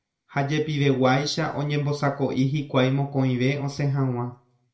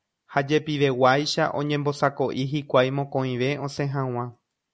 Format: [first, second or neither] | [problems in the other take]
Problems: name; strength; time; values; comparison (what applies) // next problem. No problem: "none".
second | room echo; dies away in 0.3 s